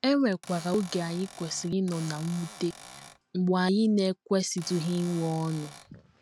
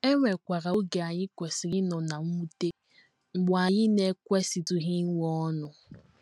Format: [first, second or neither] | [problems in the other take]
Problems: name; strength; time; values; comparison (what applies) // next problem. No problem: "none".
second | background sound (Cupboard open or close / Door); 18 dB below the speech